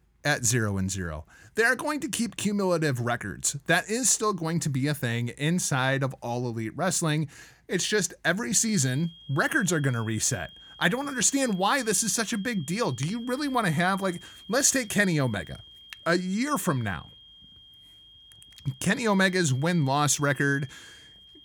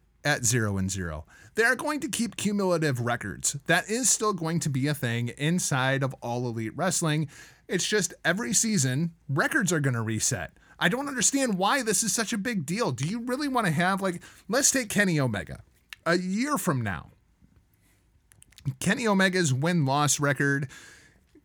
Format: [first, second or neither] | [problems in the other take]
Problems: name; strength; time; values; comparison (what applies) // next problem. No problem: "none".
second | high-pitched whine; faint; from 8.5 s on; 3 kHz, 20 dB below the speech